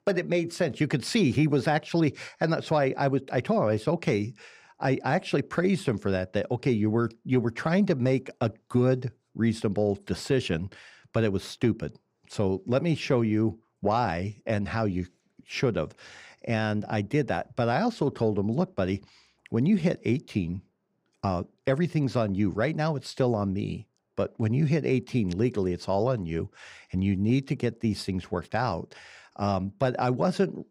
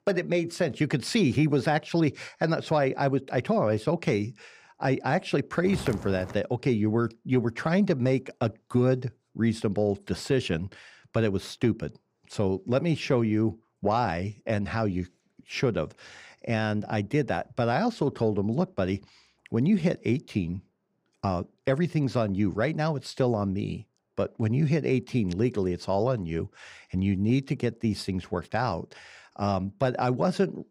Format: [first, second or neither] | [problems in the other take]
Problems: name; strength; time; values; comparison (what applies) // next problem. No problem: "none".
first | footsteps; noticeable; at 5.5 s; peak 9 dB below the speech